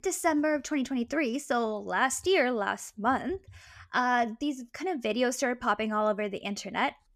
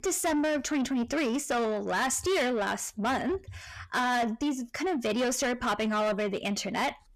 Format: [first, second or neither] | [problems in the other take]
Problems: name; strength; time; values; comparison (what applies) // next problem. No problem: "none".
first | distortion; heavy; 7 dB below the speech